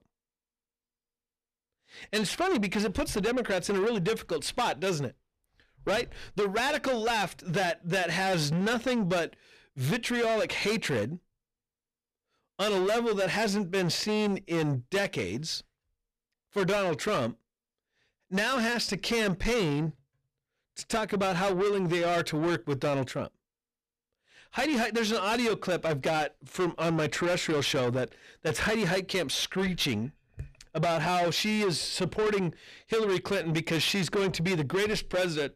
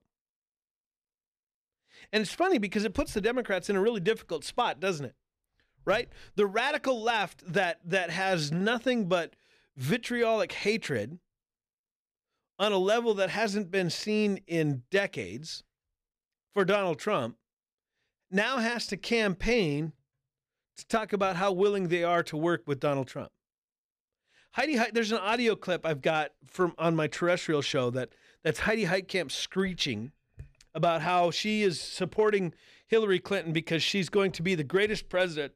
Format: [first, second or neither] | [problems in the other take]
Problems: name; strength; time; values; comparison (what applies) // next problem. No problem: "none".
second | distortion; heavy; 7 dB below the speech